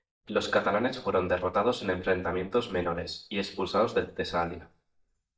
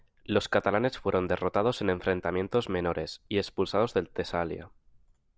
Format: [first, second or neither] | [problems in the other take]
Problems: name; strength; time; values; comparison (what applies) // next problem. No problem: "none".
second | noise reduction (neural mask model DeepFilterNet 3)